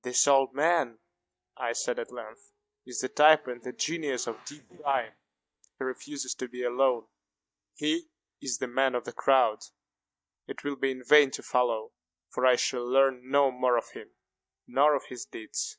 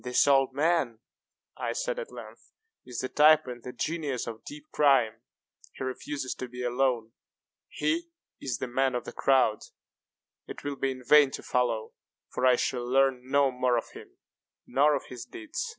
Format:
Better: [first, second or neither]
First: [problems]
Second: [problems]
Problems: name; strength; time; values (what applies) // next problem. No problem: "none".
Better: second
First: noise reduction (neural mask model DeepFilterNet 3)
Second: none